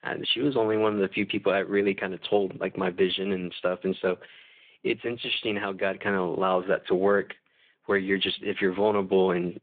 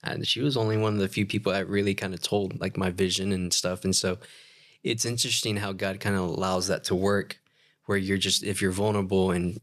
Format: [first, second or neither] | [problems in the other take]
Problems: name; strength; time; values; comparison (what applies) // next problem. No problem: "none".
second | phone-call audio; nothing above 3.5 kHz